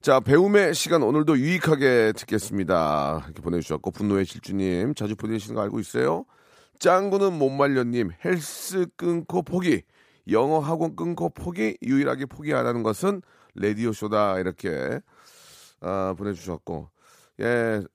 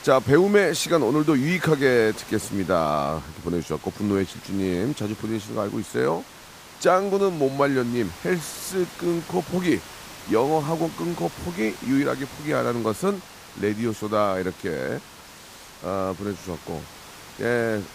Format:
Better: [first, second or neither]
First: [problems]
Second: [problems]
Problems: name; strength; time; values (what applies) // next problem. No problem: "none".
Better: first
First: none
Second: hiss; noticeable; throughout; 15 dB below the speech